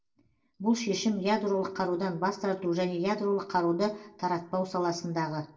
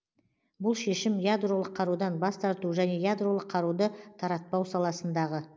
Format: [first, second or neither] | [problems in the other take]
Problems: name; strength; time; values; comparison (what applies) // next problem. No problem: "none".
second | room echo; dies away in 0.2 s